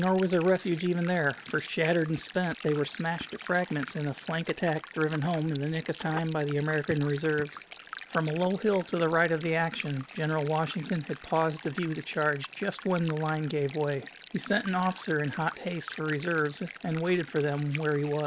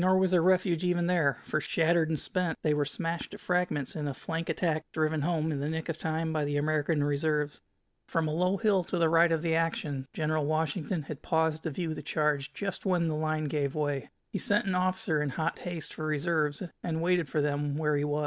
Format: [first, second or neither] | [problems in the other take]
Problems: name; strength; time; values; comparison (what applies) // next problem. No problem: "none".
second | background sound (Telephone + Stream); 16 dB below the speech